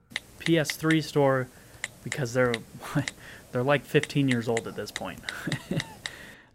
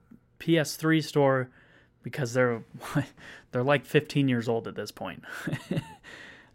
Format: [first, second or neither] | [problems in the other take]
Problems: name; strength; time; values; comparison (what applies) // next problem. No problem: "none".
second | keyboard typing; noticeable; peak 6 dB below the speech